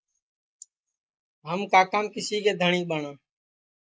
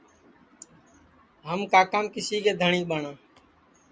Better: second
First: noise reduction (neural mask model Resemble Enhance denoiser)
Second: none

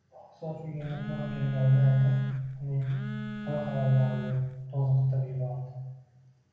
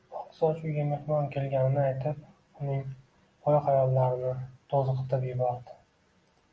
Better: second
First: background sound (Telephone); 10 dB below the speech // room echo; dies away in 1 s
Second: none

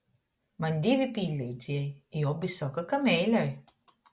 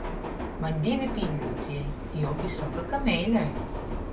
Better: first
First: none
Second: background sound (Subway, metro, underground); 3 dB below the speech // room echo; dies away in 0.2 s

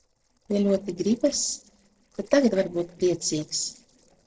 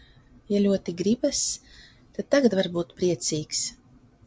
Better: second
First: noise reduction (neural separator model SepFormer DNS4)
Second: none

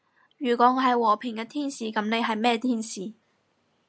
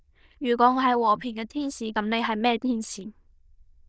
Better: first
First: none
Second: noise reduction (neural diffusion model UNIVERSE++)

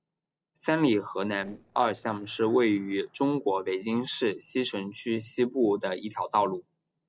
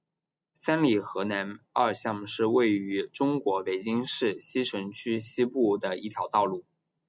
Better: second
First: noise reduction (neural separator model SepFormer DNS4)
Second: none

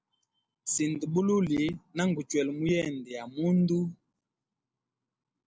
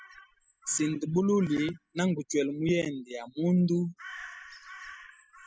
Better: first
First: none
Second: noise reduction (classical method spectral subtraction)

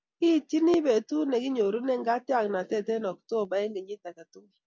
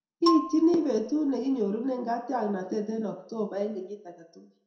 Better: first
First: none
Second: background sound (Marimba, xylophone); 7 dB below the speech // room echo; dies away in 0.6 s

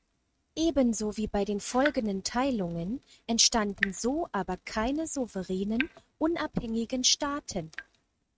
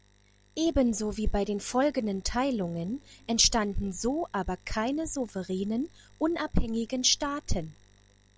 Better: second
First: noise reduction (neural mask model RNNoise)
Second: none

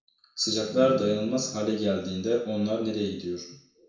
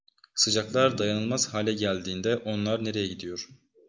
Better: second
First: room echo; dies away in 0.6 s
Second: none

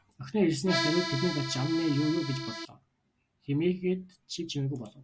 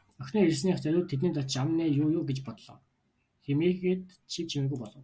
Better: second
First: background sound (Accordion); 3 dB below the speech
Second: none

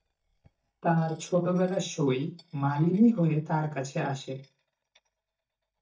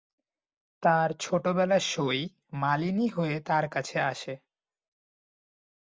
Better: second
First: noise reduction (neural mask model DeepFilterNet 3)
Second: none

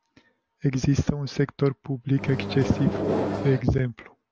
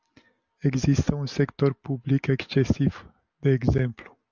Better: second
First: background sound (Microwave oven); 2 dB below the speech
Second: none

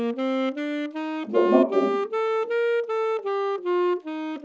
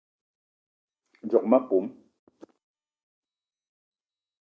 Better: second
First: background sound (Wind instrument, woodwind instrument); 5 dB above the speech // room echo; dies away in 0.7 s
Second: none

